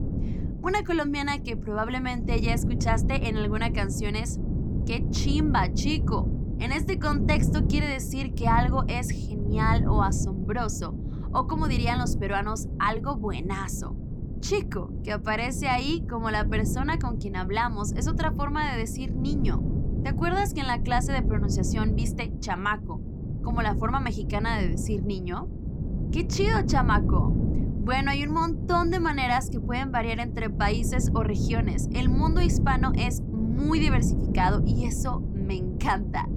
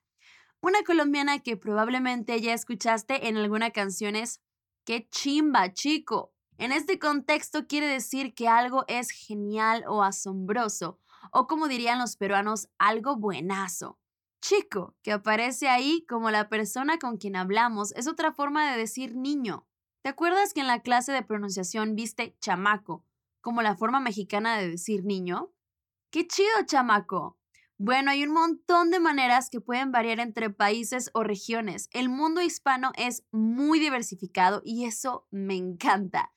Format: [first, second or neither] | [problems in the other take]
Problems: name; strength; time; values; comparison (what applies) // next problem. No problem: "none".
second | wind noise on the microphone; heavy; 10 dB below the speech